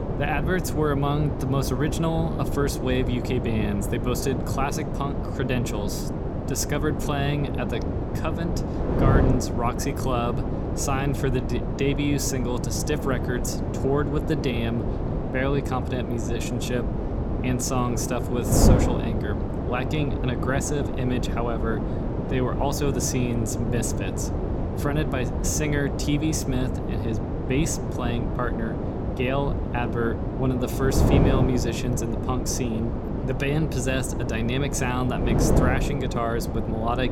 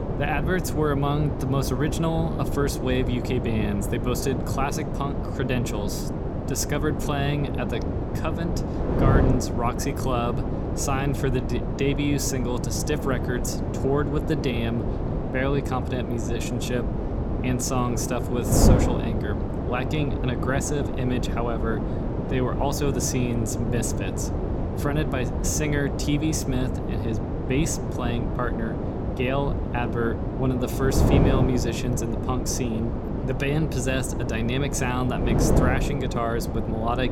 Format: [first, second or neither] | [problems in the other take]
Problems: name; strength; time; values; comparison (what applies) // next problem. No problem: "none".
neither | wind noise on the microphone; heavy; 3 dB below the speech; the same in both